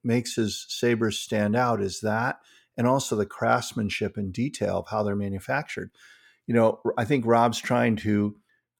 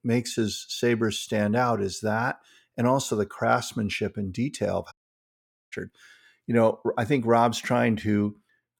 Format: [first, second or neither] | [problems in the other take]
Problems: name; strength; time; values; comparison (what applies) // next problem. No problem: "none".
first | audio cutting out; at 5 s for 1 s